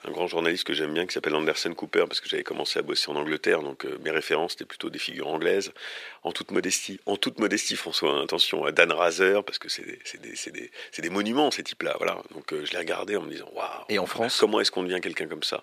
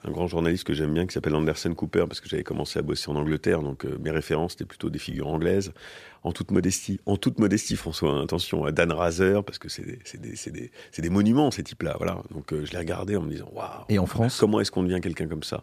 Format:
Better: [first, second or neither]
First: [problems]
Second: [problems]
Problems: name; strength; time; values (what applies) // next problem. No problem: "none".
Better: second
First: thin; somewhat; fading below 450 Hz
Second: none